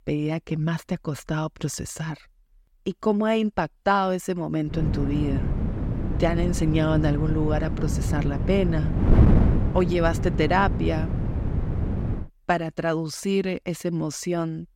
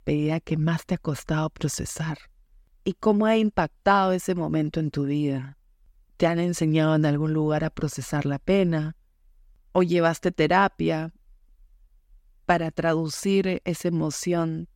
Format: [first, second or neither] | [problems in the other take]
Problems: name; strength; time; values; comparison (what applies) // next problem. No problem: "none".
second | wind noise on the microphone; heavy; from 4.5 to 12 s; 7 dB below the speech